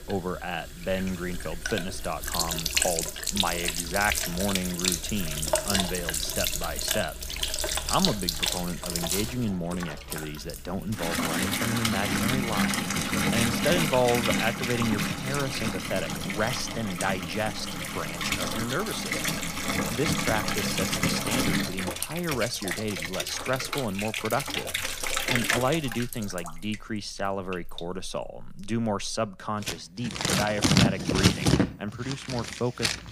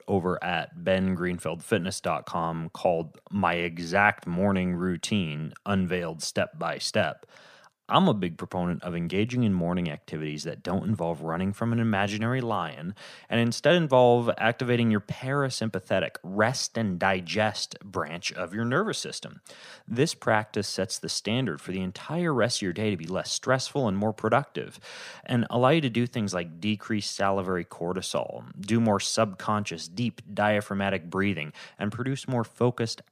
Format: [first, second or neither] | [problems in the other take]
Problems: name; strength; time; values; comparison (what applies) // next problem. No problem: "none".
second | household noises; very loud; throughout; 3 dB above the speech